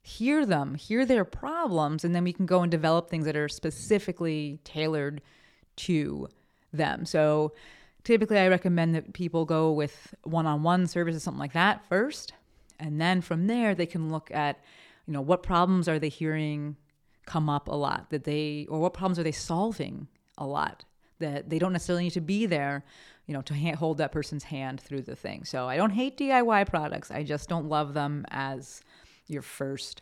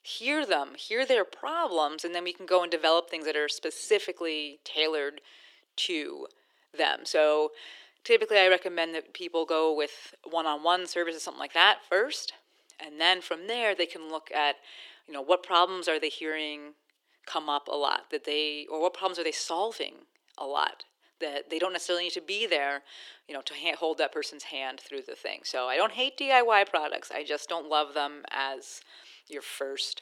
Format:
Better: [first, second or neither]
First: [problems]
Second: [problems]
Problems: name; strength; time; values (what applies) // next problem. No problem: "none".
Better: first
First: none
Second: thin; very; fading below 350 Hz